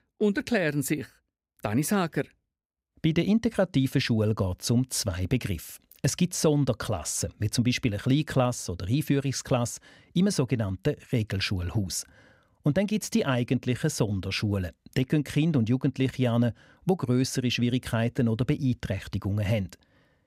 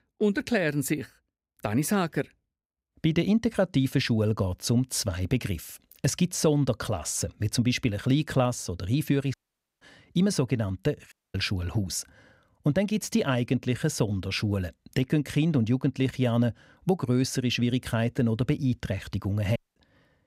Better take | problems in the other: first | audio cutting out; at 9.5 s, at 11 s and at 20 s

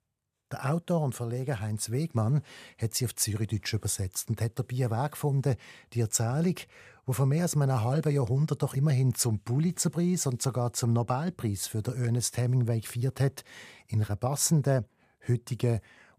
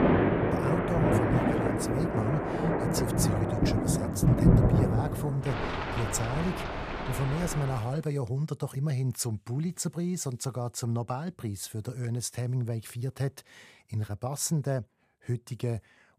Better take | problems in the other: first | rain or running water; very loud; until 7.5 s; 5 dB above the speech

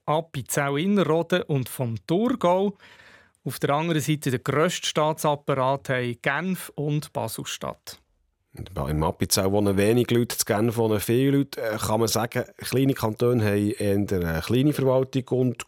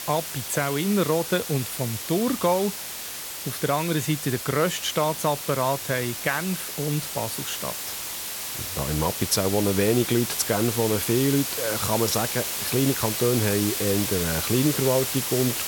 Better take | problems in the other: first | hiss; loud; throughout; 3 dB below the speech

